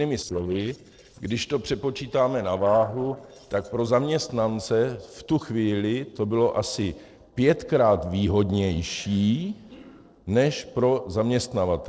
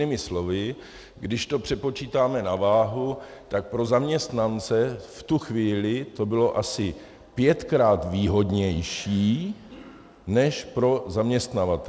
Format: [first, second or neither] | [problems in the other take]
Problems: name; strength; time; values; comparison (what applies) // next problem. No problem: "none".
second | noise reduction (neural separator model SepFormer DNS4)